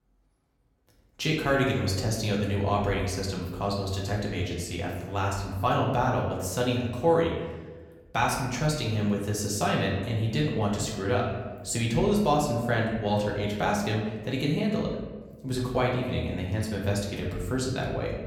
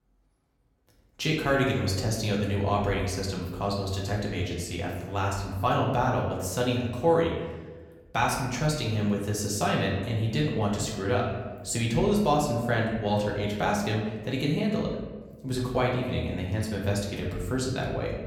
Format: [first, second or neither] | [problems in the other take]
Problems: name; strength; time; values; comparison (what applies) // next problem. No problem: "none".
neither | room echo; noticeable; dies away in 1.1 s; the same in both // off-mic speech; far; the same in both